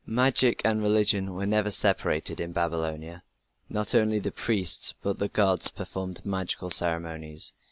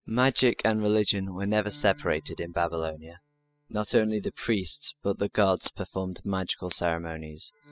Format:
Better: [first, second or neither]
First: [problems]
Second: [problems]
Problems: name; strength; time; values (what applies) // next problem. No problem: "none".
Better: first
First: none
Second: noise reduction (classical method spectral subtraction)